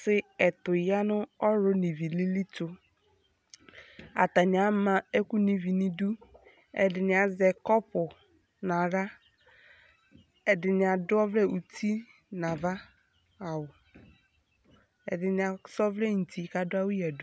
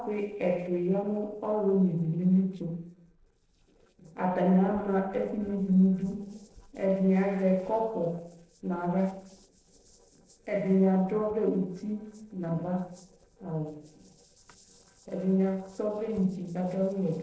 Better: first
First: none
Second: noise reduction (neural separator model SepFormer DNS4)

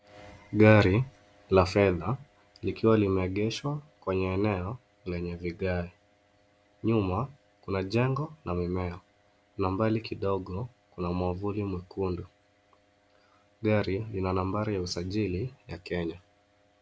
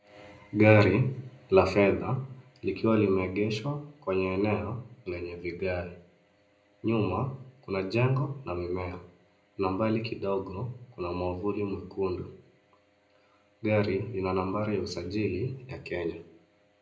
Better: first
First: none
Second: room echo; dies away in 0.4 s

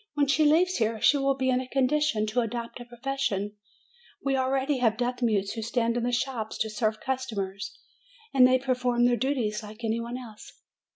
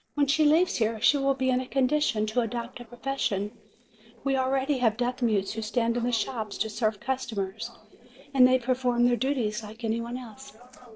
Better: first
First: none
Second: noise reduction (neural separator model SepFormer DNS4)

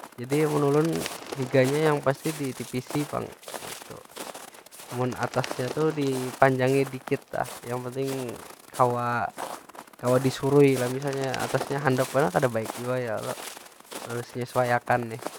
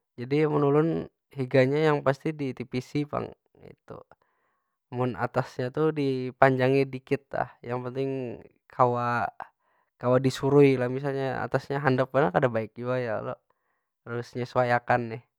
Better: second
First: background sound (Bird + Walk, footsteps); 13 dB below the speech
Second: none

